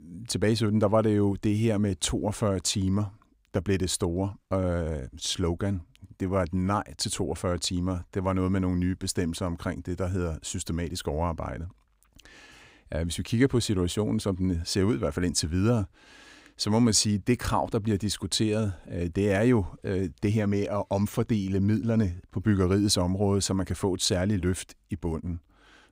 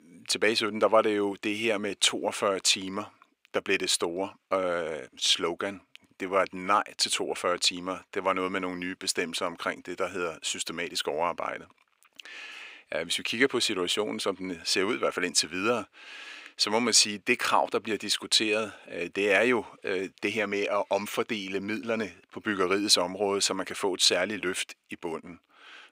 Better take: first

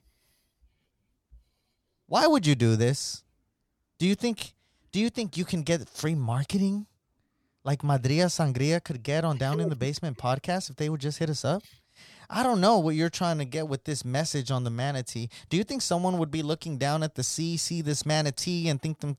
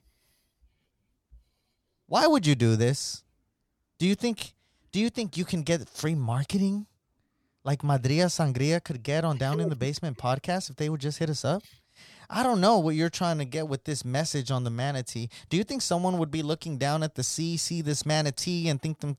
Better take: neither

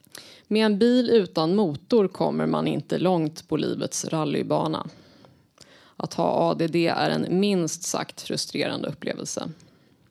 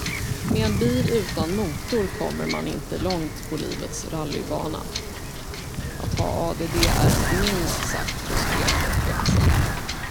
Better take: first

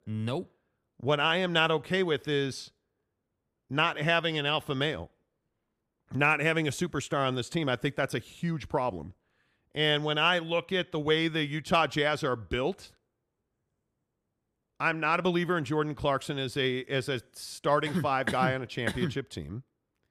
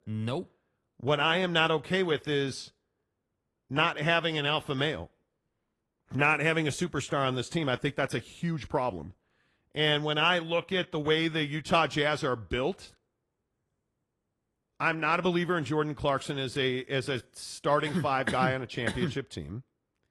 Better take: first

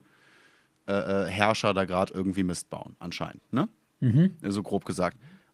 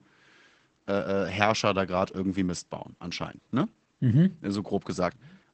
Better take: first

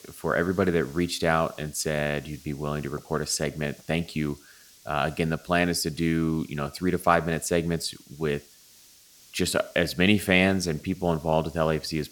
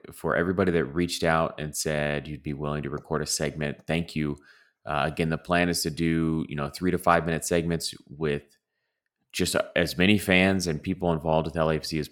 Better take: second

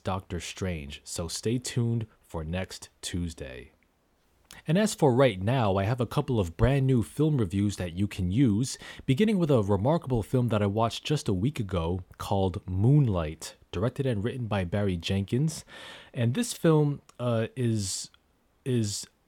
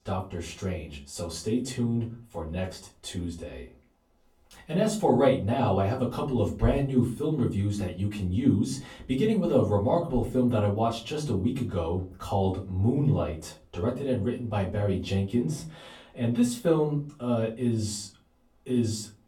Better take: first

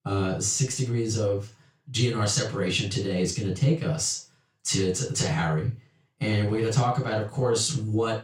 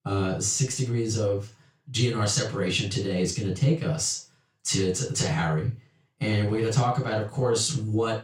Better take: neither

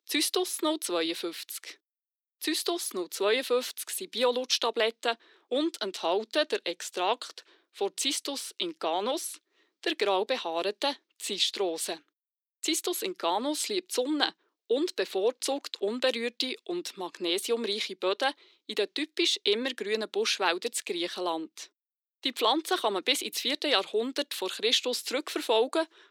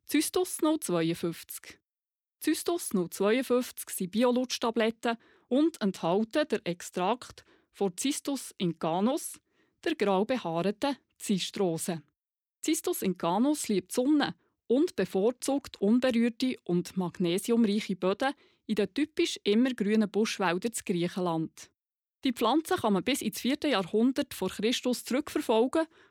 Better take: second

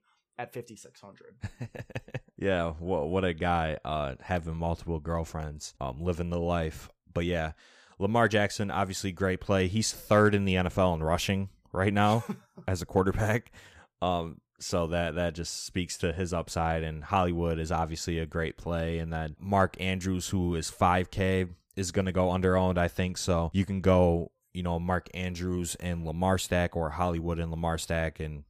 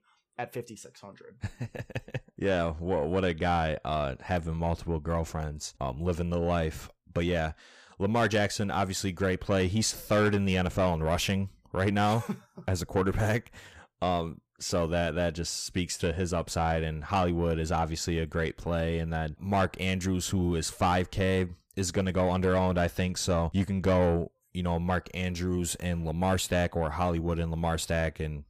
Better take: first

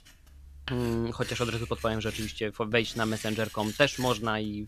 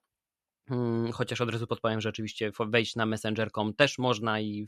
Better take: second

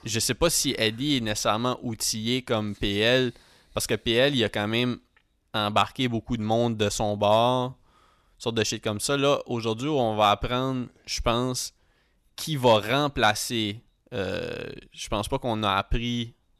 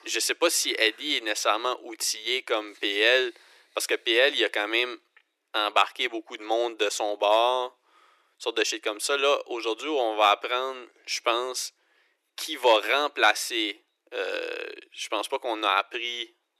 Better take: first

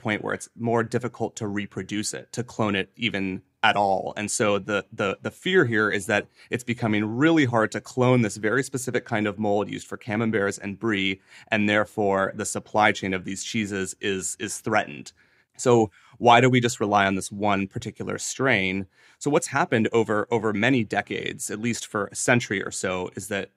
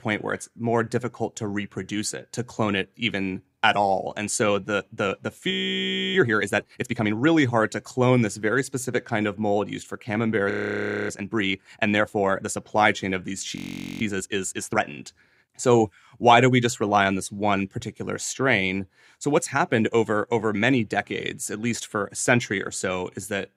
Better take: first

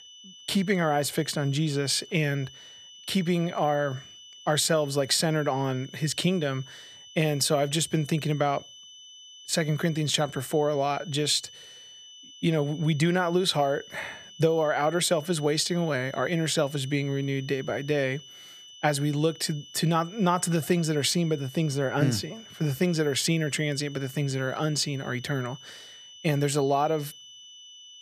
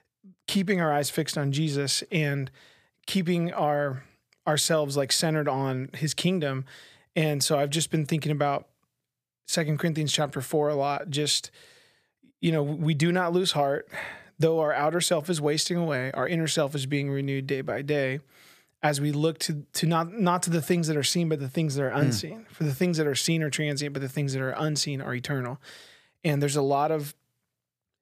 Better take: second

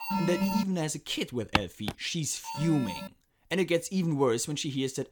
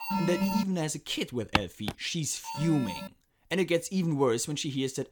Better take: neither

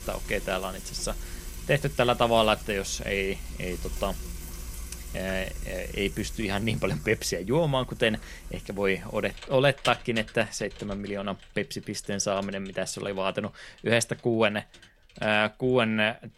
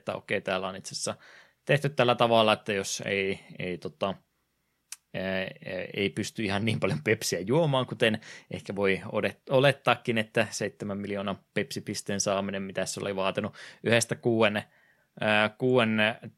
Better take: second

